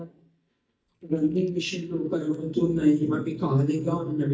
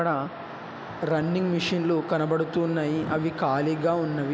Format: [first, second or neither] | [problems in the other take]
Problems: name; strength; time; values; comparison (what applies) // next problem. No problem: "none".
second | noise reduction (neural mask model DeepFilterNet 3)